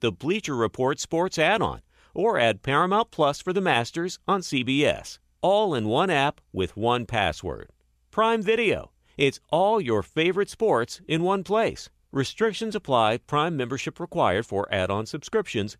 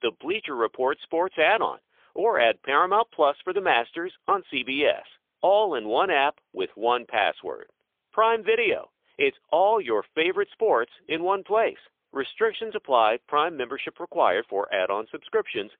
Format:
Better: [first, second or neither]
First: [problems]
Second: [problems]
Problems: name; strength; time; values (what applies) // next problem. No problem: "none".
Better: first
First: none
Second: phone-call audio; poor line; nothing above 3.5 kHz